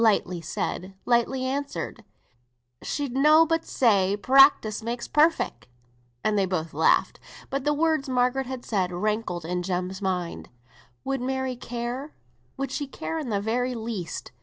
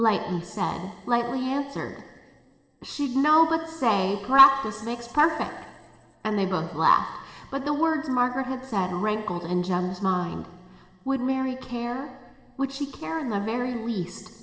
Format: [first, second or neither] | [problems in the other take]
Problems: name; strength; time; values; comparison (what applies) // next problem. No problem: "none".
first | room echo; dies away in 3 s